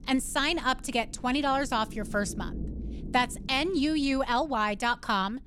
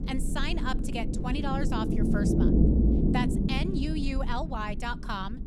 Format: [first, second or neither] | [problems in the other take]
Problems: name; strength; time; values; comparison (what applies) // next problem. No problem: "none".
first | low rumble; loud; throughout; 1 dB below the speech; faint in the first